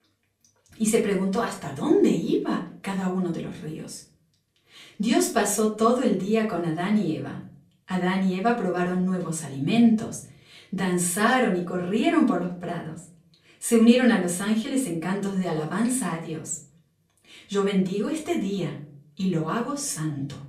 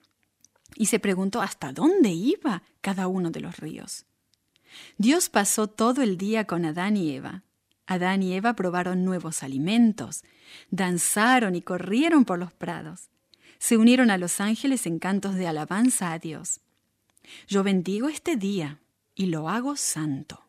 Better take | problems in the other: second | off-mic speech; far // room echo; slight; dies away in 0.5 s

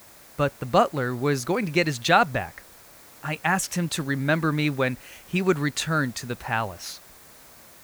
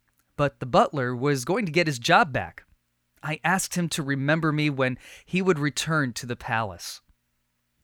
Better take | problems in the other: second | hiss; faint; throughout; 20 dB below the speech

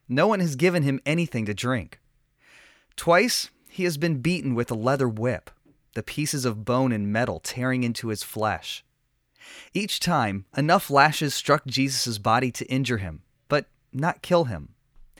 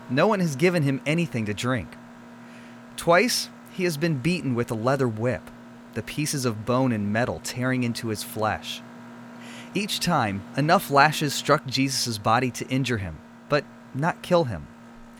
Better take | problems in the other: first | machinery noise; noticeable; throughout; 20 dB below the speech

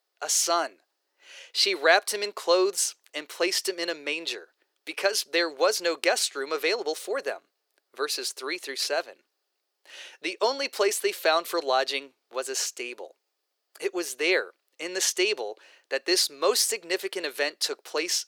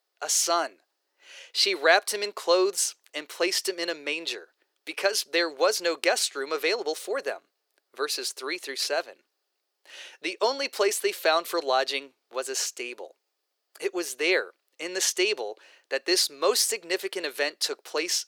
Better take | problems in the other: neither | thin; very; fading below 350 Hz; the same in both

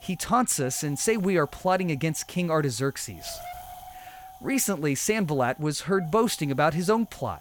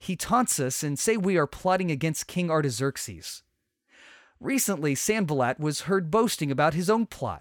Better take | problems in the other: second | wind noise on the microphone; occasional gusts; 20 dB below the speech

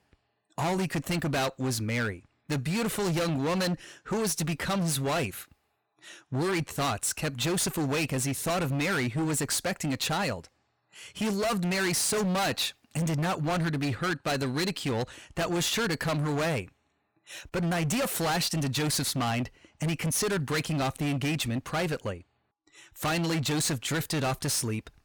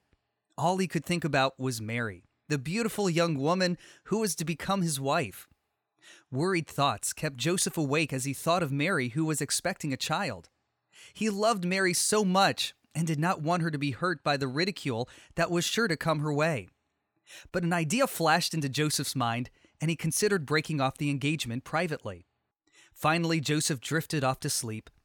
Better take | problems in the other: second | distortion; heavy; 26% of the sound clipped

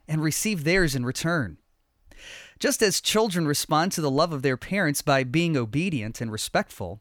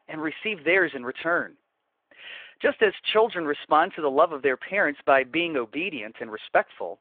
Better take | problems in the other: first | phone-call audio

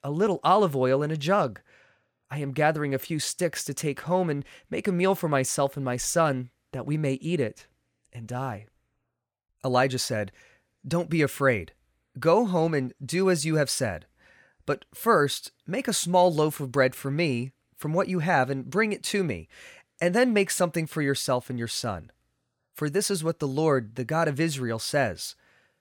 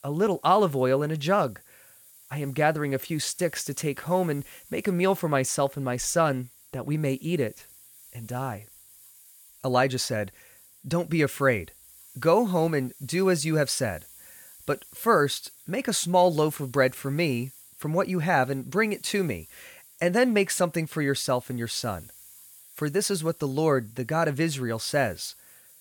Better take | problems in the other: first | hiss; faint; throughout; 25 dB below the speech

